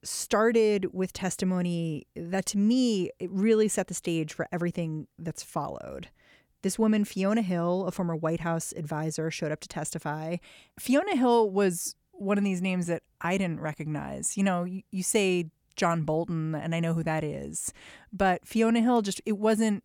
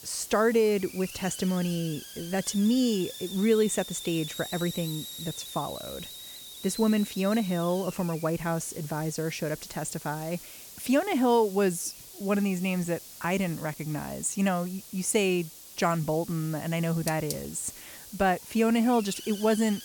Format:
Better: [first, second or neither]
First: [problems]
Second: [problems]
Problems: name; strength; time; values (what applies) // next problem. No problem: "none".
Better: first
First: none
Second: hiss; noticeable; throughout; 15 dB below the speech